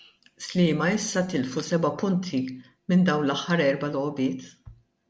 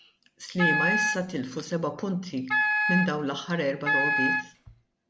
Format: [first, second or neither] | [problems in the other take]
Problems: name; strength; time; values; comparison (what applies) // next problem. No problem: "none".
first | background sound (Wind instrument, woodwind instrument); 3 dB above the speech